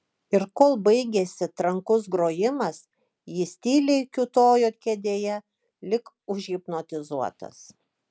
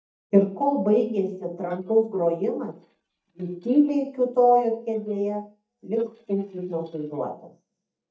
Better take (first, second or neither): first